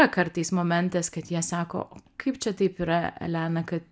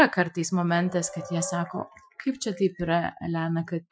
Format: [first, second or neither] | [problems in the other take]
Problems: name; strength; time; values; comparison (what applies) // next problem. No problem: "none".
first | noise reduction (classical method Wiener filter)